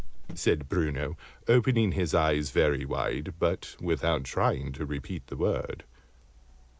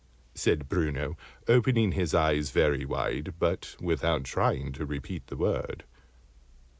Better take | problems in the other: second | background sound (Cricket); 14 dB below the speech

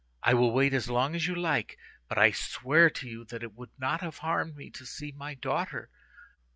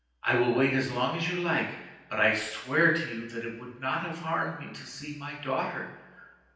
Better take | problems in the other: first | room echo; dies away in 0.9 s

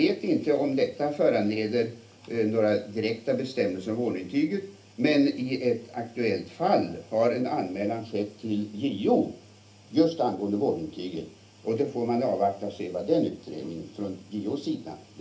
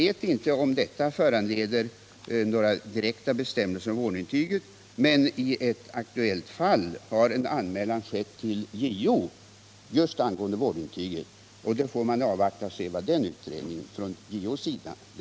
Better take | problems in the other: second | room echo; dies away in 0.3 s

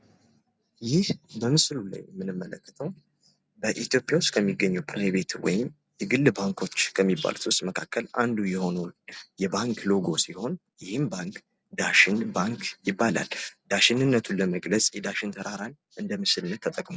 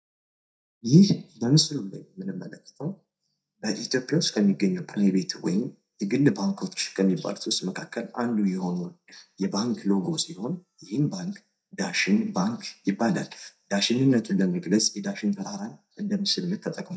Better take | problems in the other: first | noise reduction (neural mask model DeepFilterNet 3)

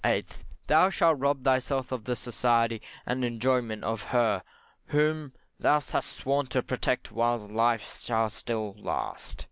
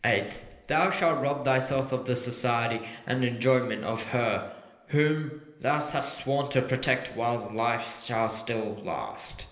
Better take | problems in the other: first | room echo; dies away in 0.8 s

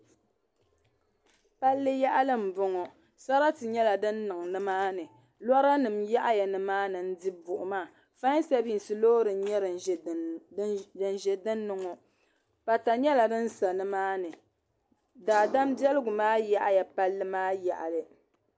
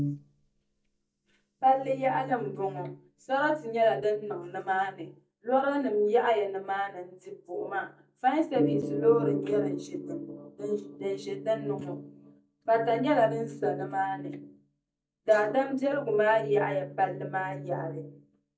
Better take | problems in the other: first | noise reduction (neural mask model DeepFilterNet 3)

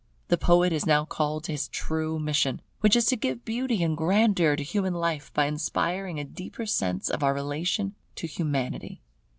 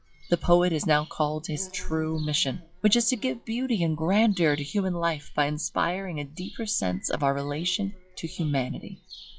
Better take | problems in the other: first | noise reduction (classical method log-MMSE)

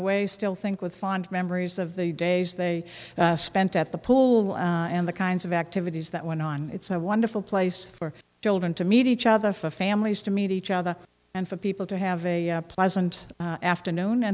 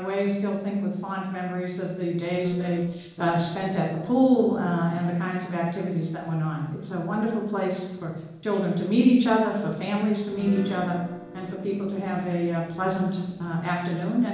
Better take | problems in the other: first | noise reduction (neural separator model SepFormer DNS4)

